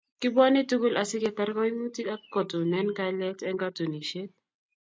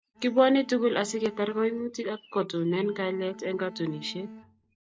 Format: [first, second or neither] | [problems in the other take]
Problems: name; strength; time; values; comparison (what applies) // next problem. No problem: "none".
first | background sound (Bowed string instrument); 18 dB below the speech